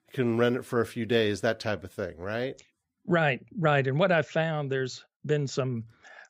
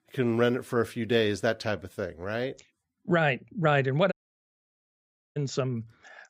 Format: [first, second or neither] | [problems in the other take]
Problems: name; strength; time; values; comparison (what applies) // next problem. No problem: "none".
first | audio cutting out; at 4 s for 1 s